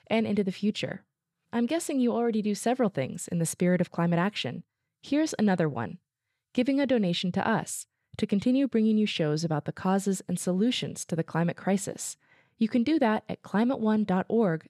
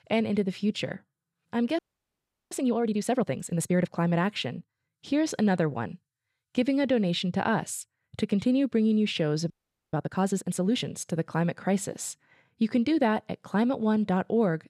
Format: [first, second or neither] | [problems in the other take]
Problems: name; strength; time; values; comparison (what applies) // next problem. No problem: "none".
first | audio freezing; at 2 s for 0.5 s and at 9.5 s